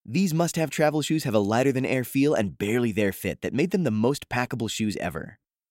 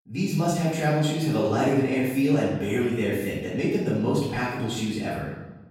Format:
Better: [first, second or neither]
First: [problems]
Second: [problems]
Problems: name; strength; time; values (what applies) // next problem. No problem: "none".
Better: first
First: none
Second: off-mic speech; far // room echo; noticeable; dies away in 1 s